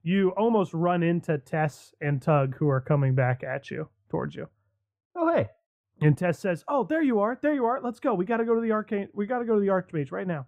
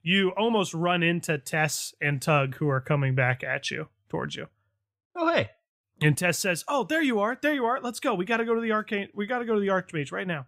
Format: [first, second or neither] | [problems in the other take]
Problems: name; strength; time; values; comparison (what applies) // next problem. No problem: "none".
second | muffled; very; fading above 2 kHz